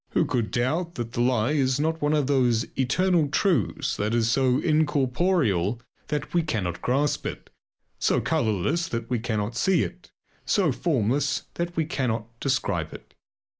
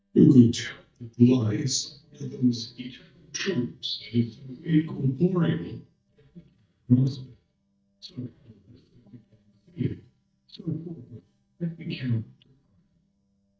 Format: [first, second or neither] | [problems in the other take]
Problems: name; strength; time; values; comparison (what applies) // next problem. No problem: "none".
first | noise reduction (neural mask model DeepFilterNet 3)